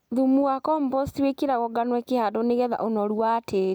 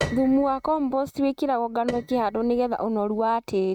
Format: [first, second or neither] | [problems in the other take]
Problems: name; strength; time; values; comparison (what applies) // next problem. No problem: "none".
first | noise reduction (neural mask model RNNoise)